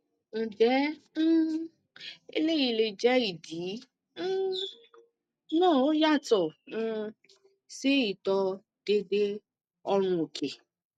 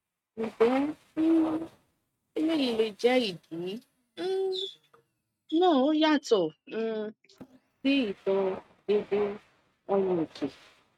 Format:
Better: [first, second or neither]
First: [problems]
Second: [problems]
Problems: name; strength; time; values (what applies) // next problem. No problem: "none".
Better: first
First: none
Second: noise reduction (neural mask model RNNoise)